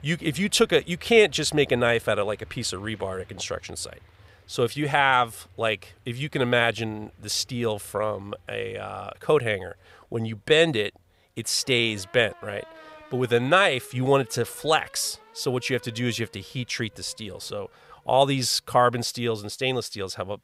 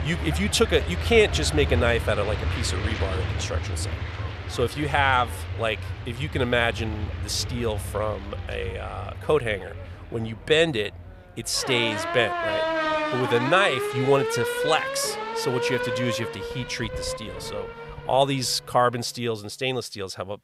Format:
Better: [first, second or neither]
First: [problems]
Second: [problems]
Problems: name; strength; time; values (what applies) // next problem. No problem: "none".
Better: first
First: traffic noise; faint; throughout; 25 dB below the speech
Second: traffic noise; loud; throughout; 4 dB below the speech